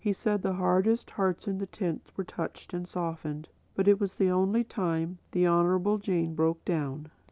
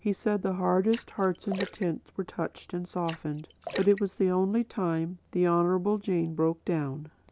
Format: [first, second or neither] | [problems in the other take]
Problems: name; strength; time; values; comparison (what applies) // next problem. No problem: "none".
first | background sound (Splash, splatter); 15 dB below the speech